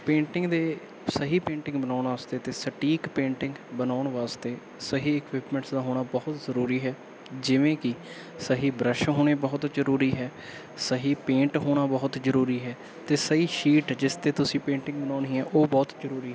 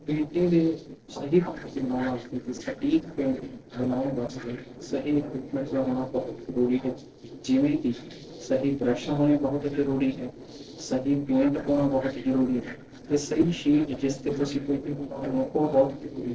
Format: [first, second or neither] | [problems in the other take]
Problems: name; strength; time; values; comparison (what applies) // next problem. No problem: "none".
first | noise reduction (neural separator model SepFormer DNS4)